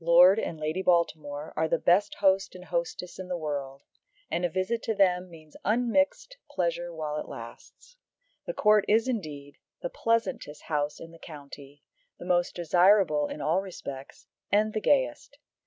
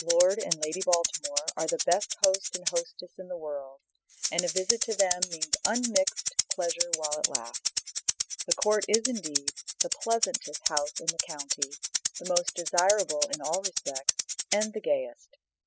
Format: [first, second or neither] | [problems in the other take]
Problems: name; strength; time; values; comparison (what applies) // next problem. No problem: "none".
first | noise reduction (classical method spectral subtraction)